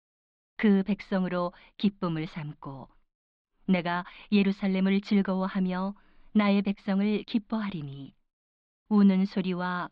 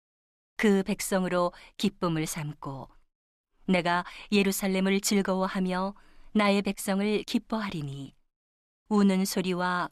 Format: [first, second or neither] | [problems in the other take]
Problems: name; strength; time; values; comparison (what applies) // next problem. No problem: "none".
second | muffled; slightly; fading above 4 kHz